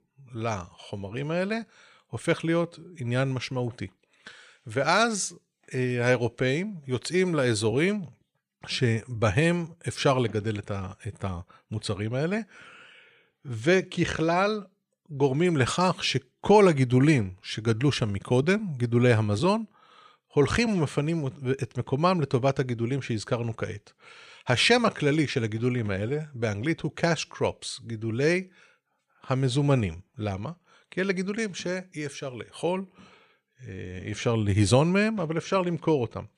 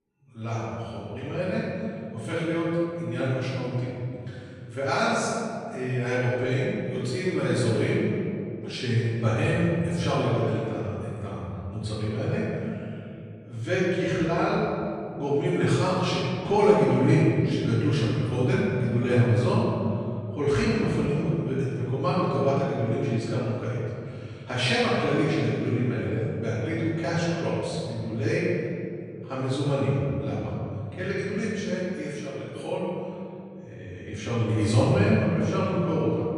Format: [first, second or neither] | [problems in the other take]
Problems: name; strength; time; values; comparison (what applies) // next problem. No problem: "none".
first | room echo; strong; dies away in 2.6 s // off-mic speech; far